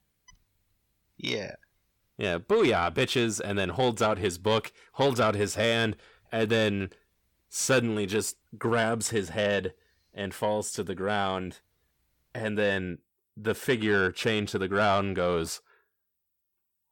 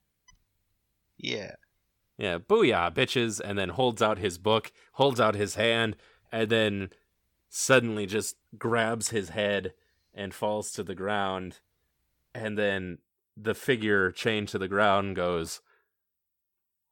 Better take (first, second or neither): second